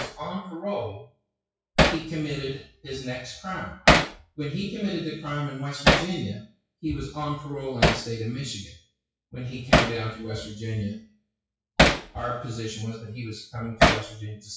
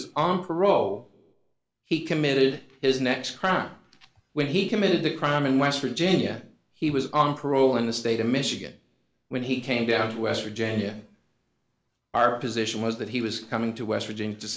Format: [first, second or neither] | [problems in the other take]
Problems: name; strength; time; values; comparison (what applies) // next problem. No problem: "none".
second | noise reduction (classical method WPE with log-MMSE)